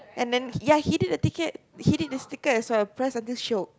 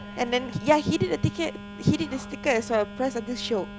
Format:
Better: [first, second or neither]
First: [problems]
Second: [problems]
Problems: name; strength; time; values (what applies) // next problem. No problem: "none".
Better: first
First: none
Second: background sound (Telephone); 13 dB below the speech